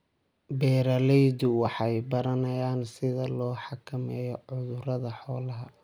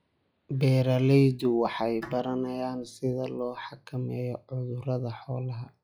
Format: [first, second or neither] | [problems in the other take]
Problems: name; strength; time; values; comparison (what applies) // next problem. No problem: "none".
first | noise reduction (classical method log-MMSE)